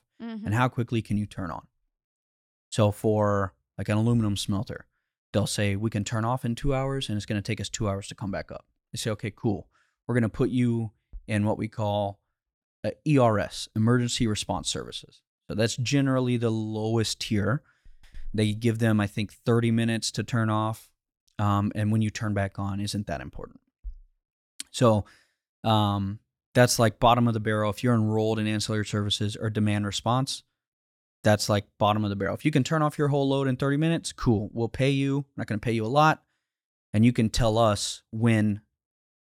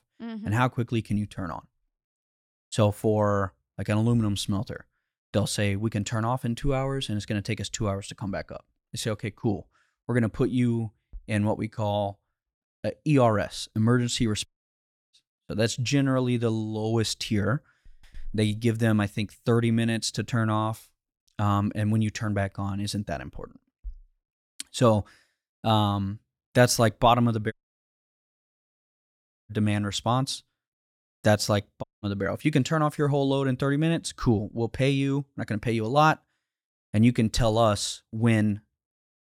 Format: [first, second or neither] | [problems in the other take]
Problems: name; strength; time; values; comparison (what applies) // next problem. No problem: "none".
first | audio cutting out; at 14 s for 0.5 s, at 28 s for 2 s and at 32 s